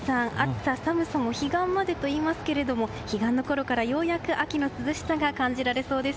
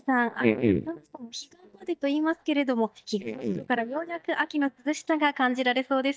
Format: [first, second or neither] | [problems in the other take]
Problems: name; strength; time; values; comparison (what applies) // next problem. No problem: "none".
first | noise reduction (neural mask model DeepFilterNet 3)